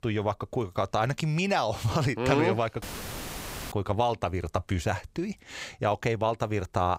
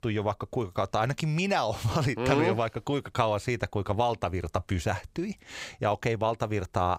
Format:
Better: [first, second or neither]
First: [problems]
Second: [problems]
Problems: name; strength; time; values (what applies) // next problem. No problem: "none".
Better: second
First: audio cutting out; filled with static; at 3 s for 1 s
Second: none